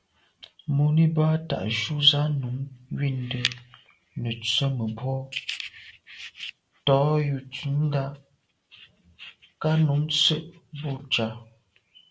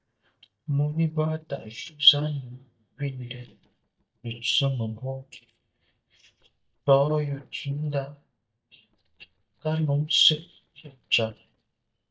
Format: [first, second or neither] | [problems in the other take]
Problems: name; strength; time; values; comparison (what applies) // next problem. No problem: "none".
first | noise reduction (neural mask model DeepFilterNet 3)